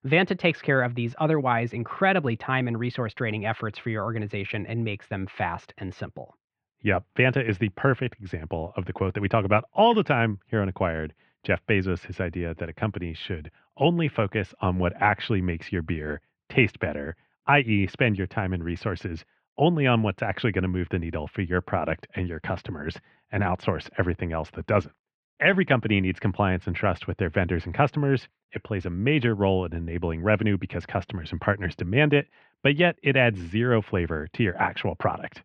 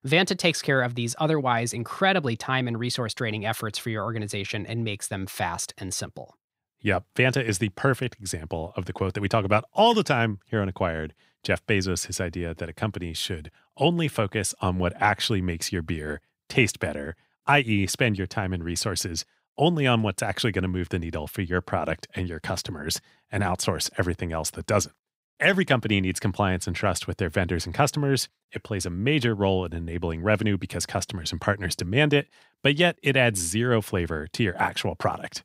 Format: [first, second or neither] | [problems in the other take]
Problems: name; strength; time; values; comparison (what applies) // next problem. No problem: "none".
second | muffled; very; fading above 2.5 kHz